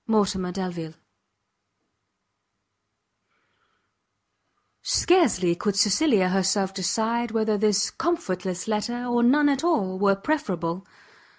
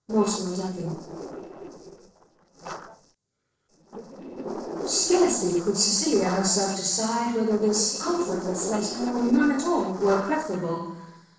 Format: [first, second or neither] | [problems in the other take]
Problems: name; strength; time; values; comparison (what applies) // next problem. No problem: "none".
first | noise reduction (neural separator model SepFormer DNS4)